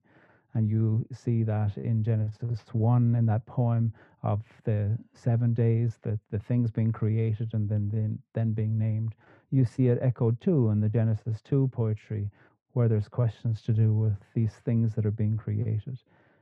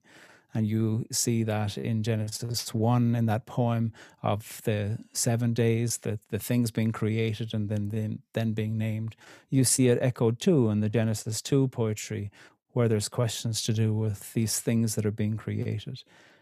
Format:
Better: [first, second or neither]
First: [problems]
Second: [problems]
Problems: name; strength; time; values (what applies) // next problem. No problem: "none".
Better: second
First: muffled; very; fading above 1.5 kHz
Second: none